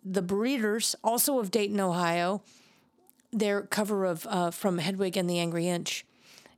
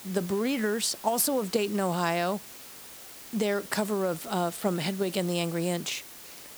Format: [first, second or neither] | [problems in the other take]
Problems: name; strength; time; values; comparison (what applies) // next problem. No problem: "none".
first | hiss; noticeable; throughout; 15 dB below the speech